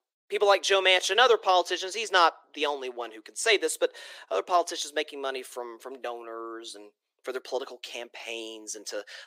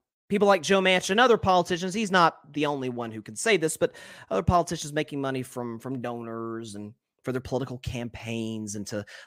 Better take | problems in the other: second | thin; very; fading below 350 Hz

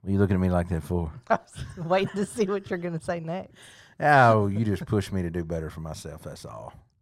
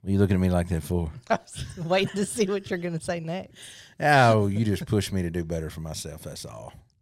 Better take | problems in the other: second | muffled; slightly; fading above 1.5 kHz

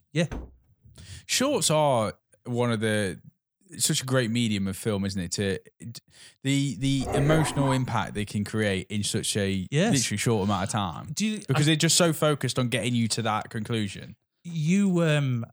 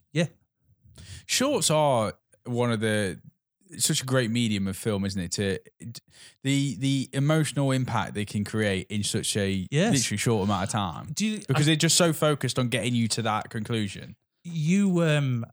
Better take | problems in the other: second | door banging; faint; at 0.5 s; peak 15 dB below the speech // dog barking; noticeable; from 7 to 8 s; peak 3 dB below the speech

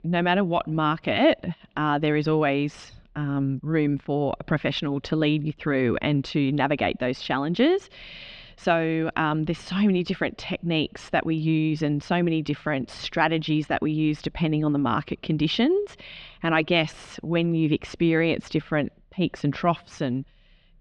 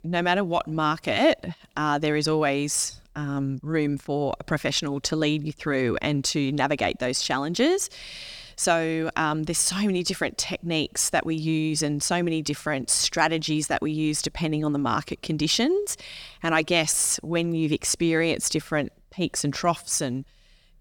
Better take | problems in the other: second | muffled; very; fading above 3.5 kHz

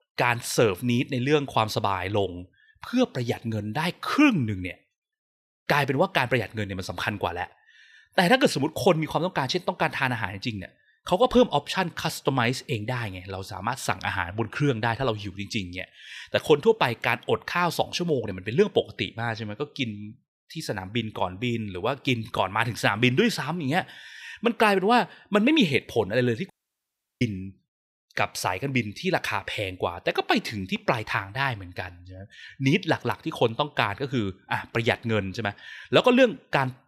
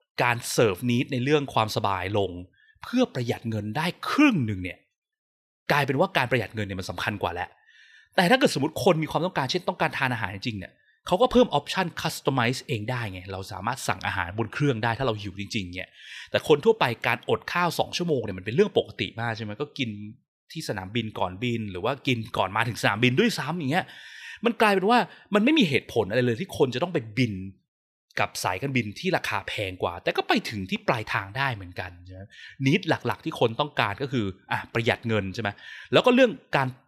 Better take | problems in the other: second | audio cutting out; at 27 s for 0.5 s

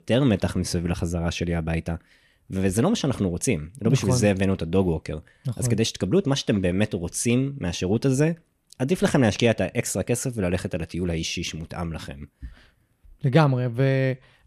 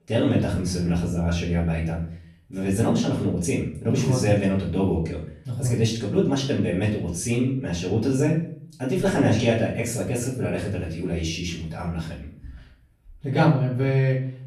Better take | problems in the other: first | off-mic speech; far // room echo; noticeable; dies away in 0.5 s

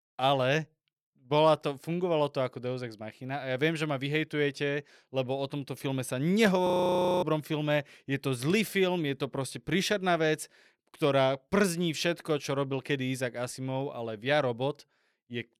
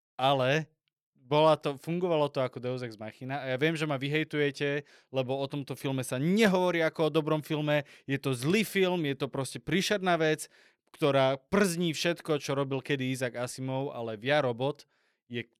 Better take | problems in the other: second | audio freezing; at 6.5 s for 0.5 s

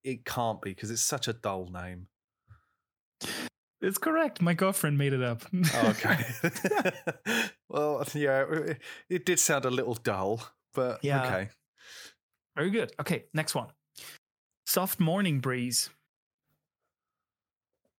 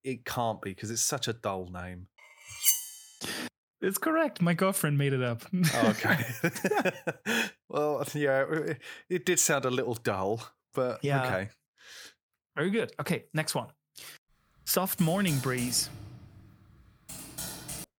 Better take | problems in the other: first | clattering dishes; loud; at 2.5 s; peak 4 dB above the speech // keyboard typing; noticeable; from 15 s on; peak 7 dB below the speech

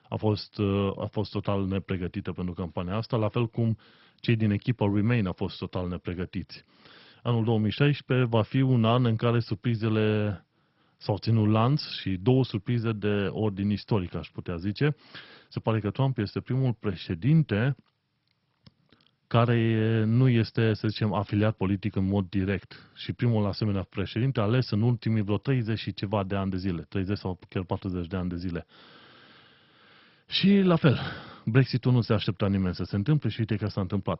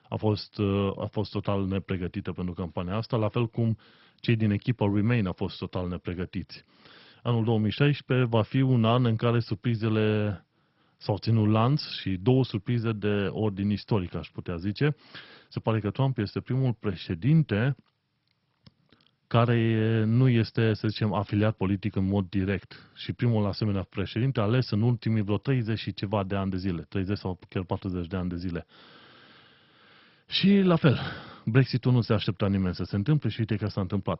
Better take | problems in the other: neither | garbled, watery; badly; nothing above 5.5 kHz; the same in both

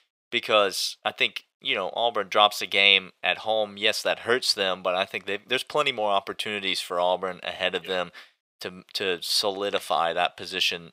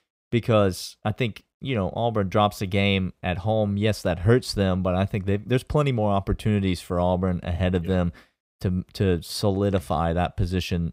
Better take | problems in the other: second | thin; very; fading below 600 Hz

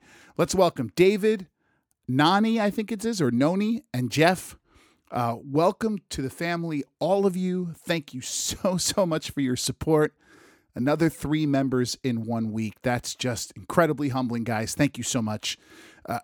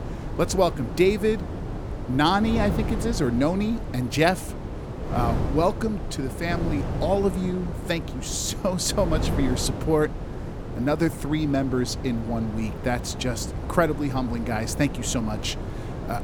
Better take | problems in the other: first | wind noise on the microphone; occasional gusts; 10 dB below the speech

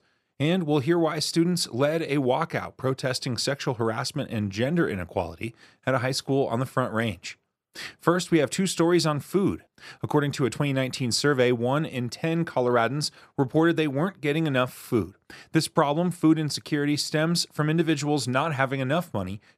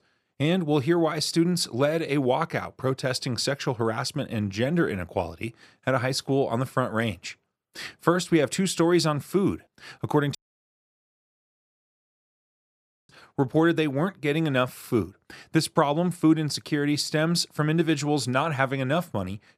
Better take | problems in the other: first | audio cutting out; at 10 s for 2.5 s

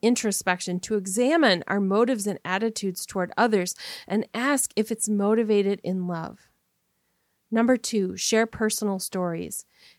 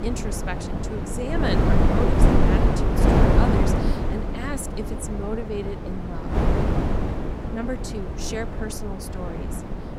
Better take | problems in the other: first | wind noise on the microphone; heavy; 4 dB above the speech

